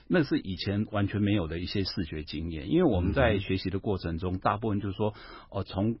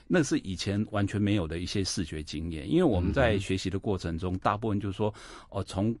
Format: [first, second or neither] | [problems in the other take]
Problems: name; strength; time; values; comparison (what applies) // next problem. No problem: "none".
second | garbled, watery; badly; nothing above 5.5 kHz; slightly in the second